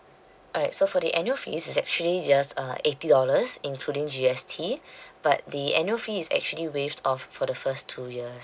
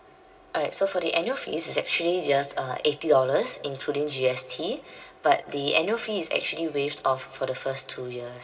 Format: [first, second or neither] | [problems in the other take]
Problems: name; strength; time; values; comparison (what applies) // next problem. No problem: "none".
first | room echo; dies away in 1.4 s